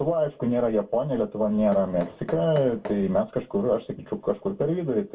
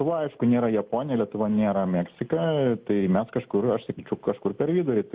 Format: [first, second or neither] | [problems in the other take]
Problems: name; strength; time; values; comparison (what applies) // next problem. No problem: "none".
second | background sound (Knock); 17 dB below the speech // room echo; dies away in 0.1 s